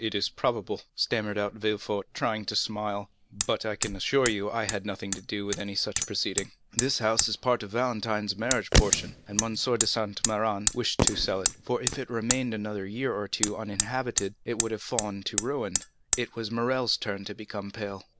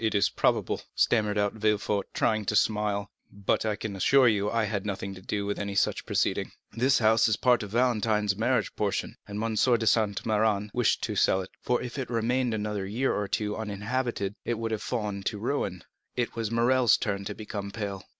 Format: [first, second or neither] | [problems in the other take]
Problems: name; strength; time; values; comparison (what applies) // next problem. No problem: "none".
second | background sound (Fireworks + Hammer); 3 dB below the speech